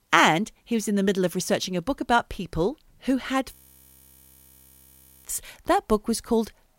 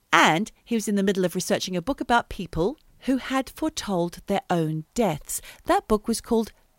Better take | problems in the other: second | audio freezing; at 3.5 s for 1.5 s

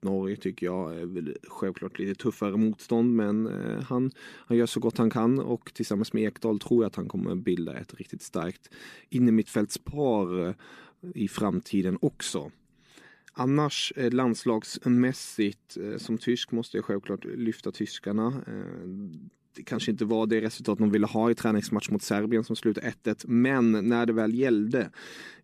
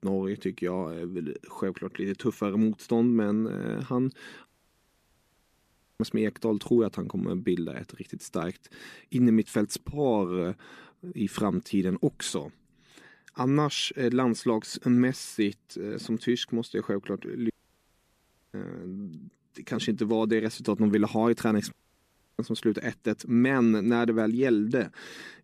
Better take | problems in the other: first | audio cutting out; at 4.5 s for 1.5 s, at 18 s for 1 s and at 22 s for 0.5 s

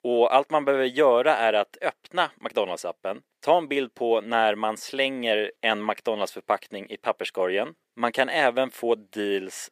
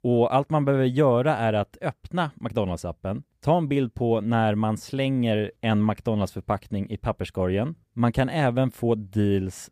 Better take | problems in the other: second | thin; very; fading below 400 Hz

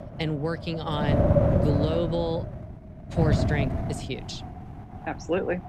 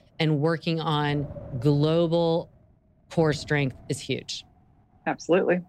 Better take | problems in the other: second | wind noise on the microphone; heavy; 2 dB above the speech; occasional gusts in the second

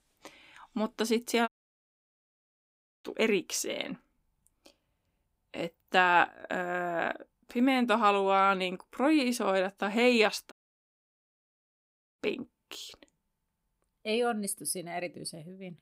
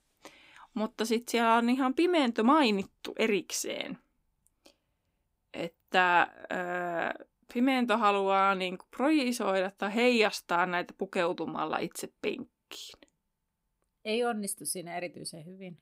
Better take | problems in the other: second | audio cutting out; at 1.5 s for 1.5 s and at 11 s for 1.5 s

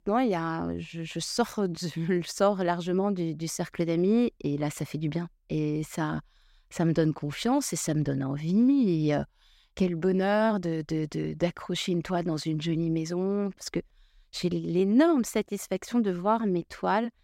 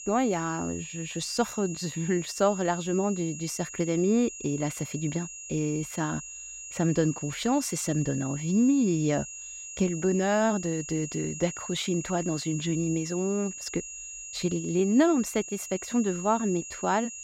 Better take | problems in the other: first | high-pitched whine; loud; throughout; 7 kHz, 10 dB below the speech

